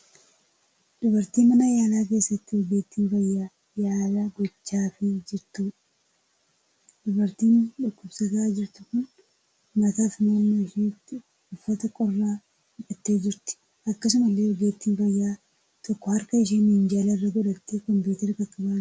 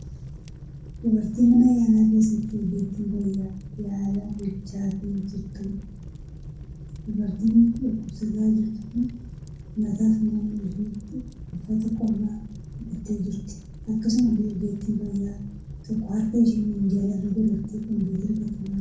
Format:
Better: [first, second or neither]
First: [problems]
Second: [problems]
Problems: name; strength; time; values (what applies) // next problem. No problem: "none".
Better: first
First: none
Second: background sound (Fire); 14 dB below the speech // room echo; dies away in 0.5 s